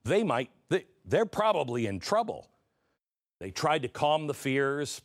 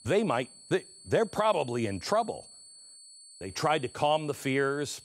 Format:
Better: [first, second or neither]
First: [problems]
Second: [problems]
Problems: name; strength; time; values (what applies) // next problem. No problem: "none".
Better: first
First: none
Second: high-pitched whine; noticeable; throughout; 4.5 kHz, 20 dB below the speech